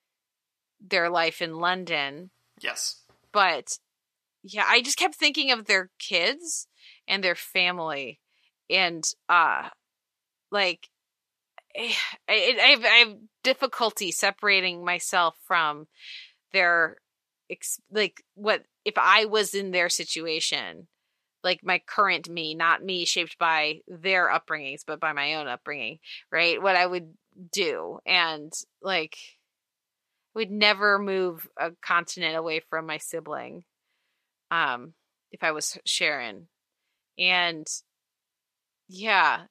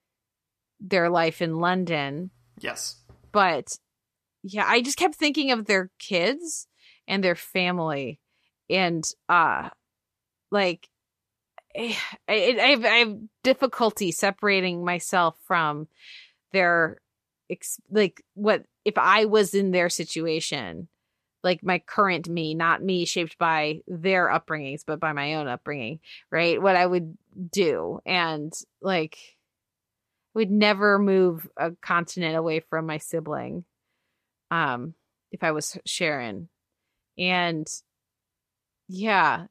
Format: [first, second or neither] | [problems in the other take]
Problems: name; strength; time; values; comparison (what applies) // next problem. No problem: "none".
second | thin; somewhat; fading below 700 Hz